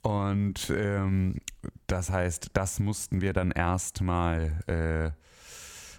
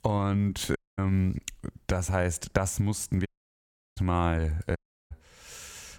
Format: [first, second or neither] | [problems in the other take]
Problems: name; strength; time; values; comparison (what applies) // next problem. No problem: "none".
first | audio cutting out; at 1 s, at 3.5 s for 0.5 s and at 5 s